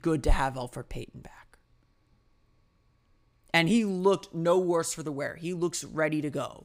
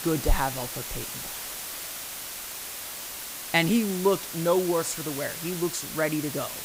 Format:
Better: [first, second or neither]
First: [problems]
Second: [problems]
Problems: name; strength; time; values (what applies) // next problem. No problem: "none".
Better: first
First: none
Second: hiss; loud; throughout; 7 dB below the speech